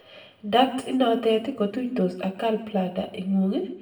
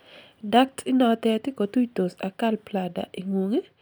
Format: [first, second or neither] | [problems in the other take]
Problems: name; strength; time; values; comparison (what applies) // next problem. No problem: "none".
second | room echo; dies away in 0.6 s